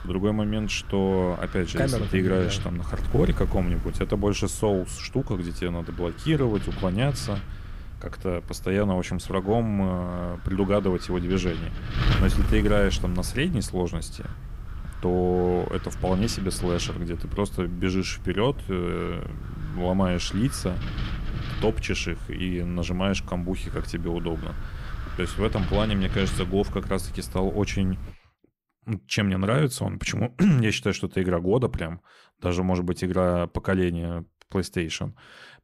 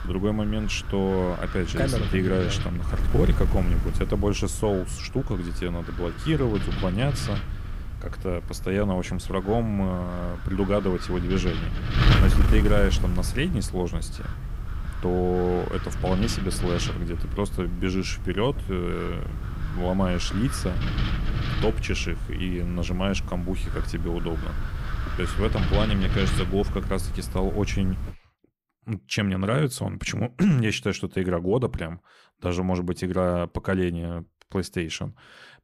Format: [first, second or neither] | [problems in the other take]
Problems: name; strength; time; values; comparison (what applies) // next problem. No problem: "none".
first | wind noise on the microphone; heavy; until 28 s; 7 dB below the speech; occasional gusts in the first